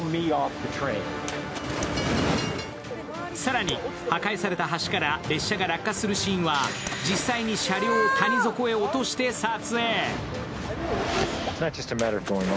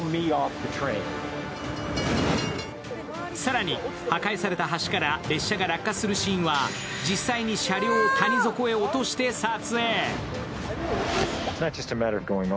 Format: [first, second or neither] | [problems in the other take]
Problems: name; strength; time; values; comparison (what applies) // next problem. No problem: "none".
second | background sound (Splash, splatter + Tap); 15 dB below the speech